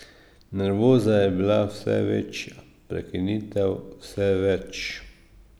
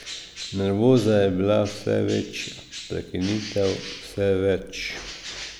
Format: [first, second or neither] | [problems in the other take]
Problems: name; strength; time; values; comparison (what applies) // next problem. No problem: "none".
first | background sound (Bird); 15 dB below the speech